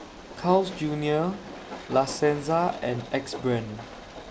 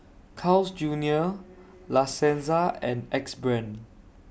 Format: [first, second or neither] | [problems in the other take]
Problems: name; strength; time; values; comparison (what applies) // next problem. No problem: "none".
second | background sound (Train); 13 dB below the speech